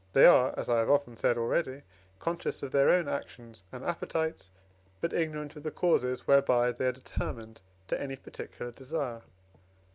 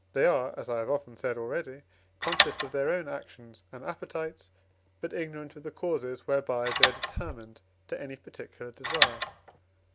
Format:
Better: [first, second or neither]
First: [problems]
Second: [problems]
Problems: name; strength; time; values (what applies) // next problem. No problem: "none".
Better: first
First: none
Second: background sound (Tools); 5 dB above the speech